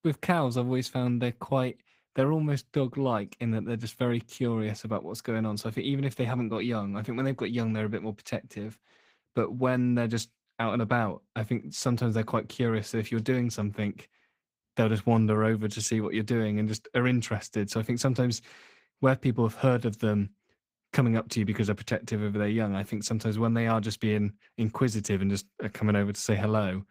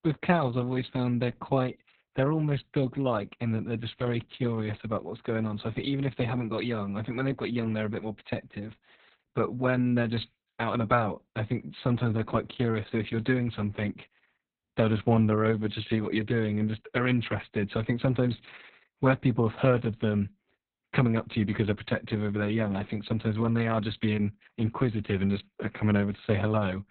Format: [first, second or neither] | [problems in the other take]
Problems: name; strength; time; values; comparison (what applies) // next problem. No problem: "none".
first | garbled, watery; badly; nothing above 4 kHz; slightly in the first